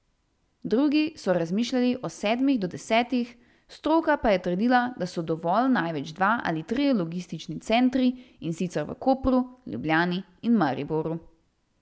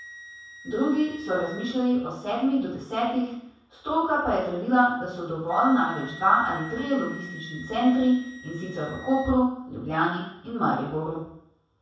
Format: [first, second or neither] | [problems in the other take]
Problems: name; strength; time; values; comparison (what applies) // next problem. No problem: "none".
first | background sound (Wind instrument, woodwind instrument); 20 dB below the speech // room echo; dies away in 0.7 s